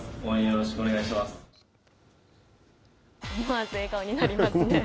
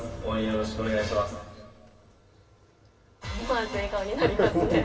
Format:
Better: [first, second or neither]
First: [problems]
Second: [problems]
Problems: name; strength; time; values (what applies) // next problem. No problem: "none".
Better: first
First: none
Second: room echo; dies away in 2.2 s